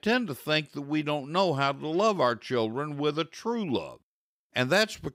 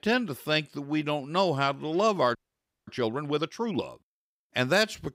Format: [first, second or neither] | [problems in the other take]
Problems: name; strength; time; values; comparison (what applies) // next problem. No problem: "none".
first | audio freezing; at 2.5 s for 0.5 s